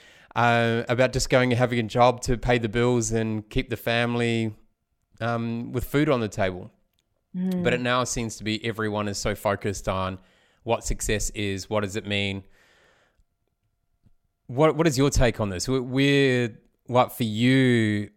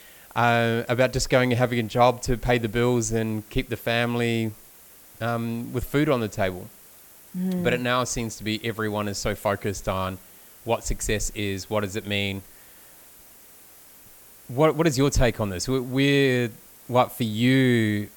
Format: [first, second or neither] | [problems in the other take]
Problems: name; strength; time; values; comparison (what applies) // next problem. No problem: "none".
first | hiss; faint; throughout; 20 dB below the speech